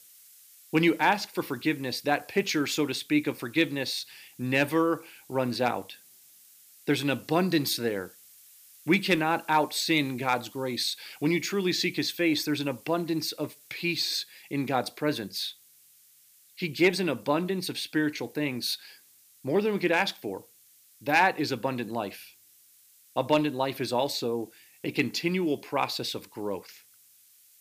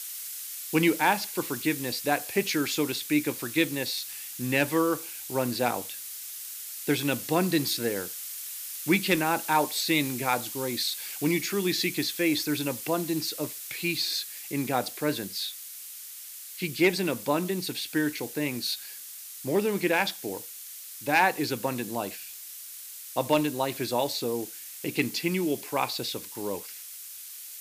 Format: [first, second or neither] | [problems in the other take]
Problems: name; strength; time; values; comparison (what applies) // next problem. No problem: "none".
first | hiss; loud; throughout; 9 dB below the speech; faint in the first